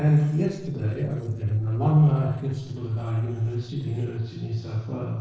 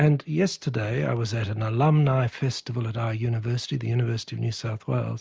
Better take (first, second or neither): second